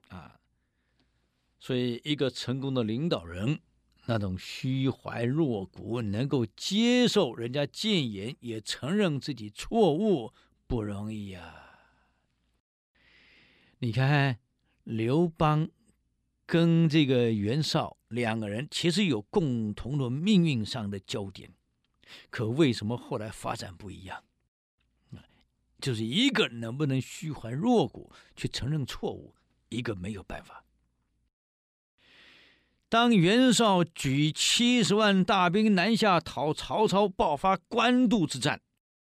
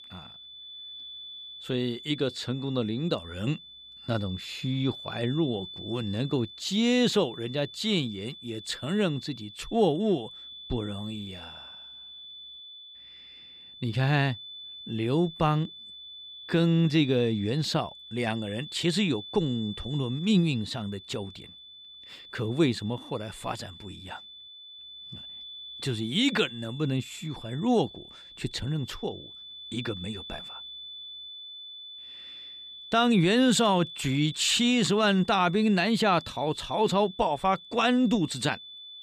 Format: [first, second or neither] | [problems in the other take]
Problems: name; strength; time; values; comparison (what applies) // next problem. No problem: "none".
first | high-pitched whine; noticeable; throughout; 3.5 kHz, 15 dB below the speech